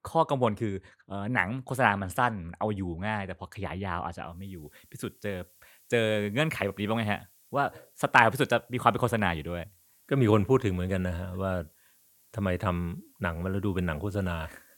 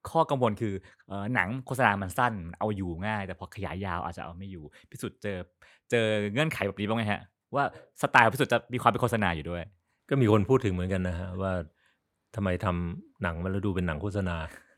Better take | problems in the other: second | hiss; faint; from 4.5 s on; 30 dB below the speech

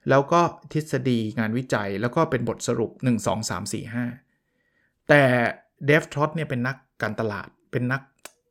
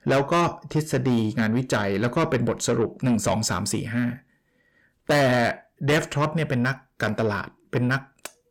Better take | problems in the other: first | distortion; heavy; 7 dB below the speech

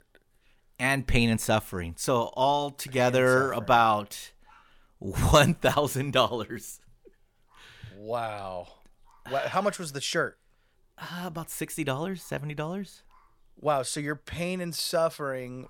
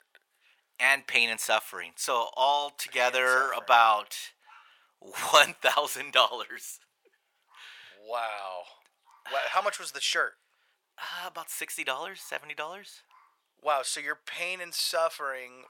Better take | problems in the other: first | thin; very; fading below 850 Hz

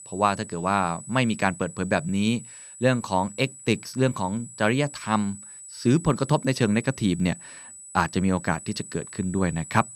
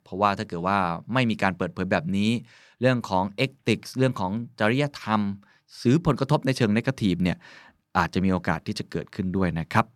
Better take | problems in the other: second | high-pitched whine; noticeable; throughout; 8 kHz, 15 dB below the speech

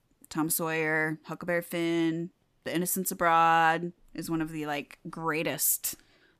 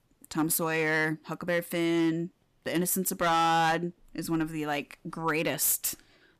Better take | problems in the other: first | distortion; slight; 5% of the sound clipped

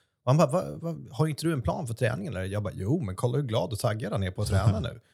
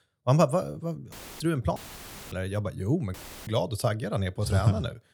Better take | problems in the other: first | audio cutting out; filled with static; at 1 s, at 2 s for 0.5 s and at 3 s

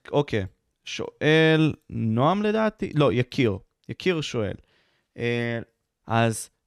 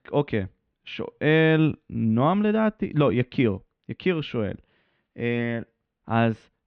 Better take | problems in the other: first | muffled; very; fading above 3 kHz

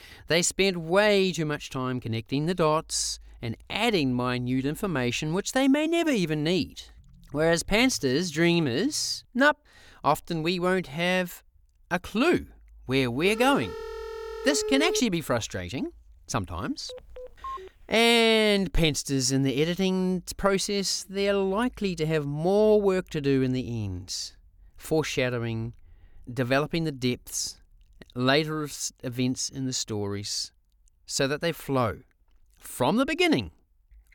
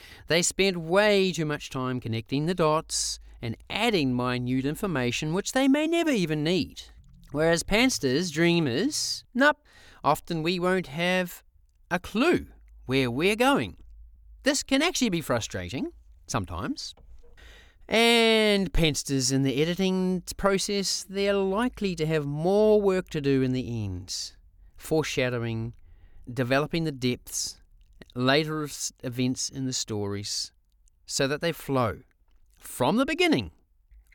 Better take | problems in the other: second | phone ringing; noticeable; from 13 to 15 s; peak 3 dB below the speech // phone ringing; faint; at 17 s; peak 15 dB below the speech

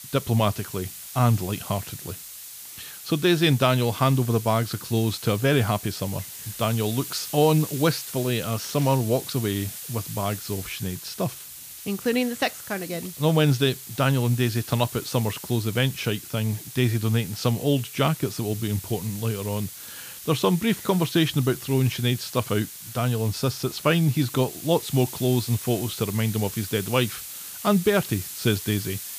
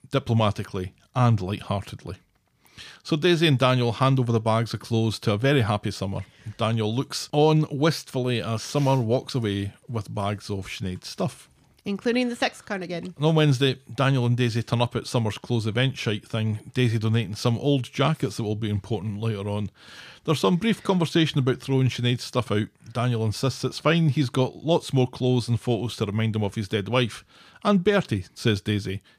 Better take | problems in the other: second | hiss; noticeable; throughout; 10 dB below the speech

